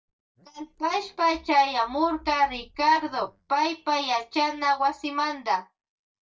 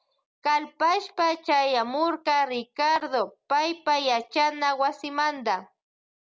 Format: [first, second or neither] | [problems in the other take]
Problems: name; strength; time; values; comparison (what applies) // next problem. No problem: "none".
second | noise reduction (neural mask model DeepFilterNet 3)